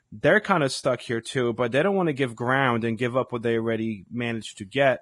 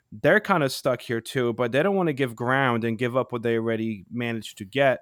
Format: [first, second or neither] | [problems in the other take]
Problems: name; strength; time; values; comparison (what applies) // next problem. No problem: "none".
second | garbled, watery; badly; nothing above 10.5 kHz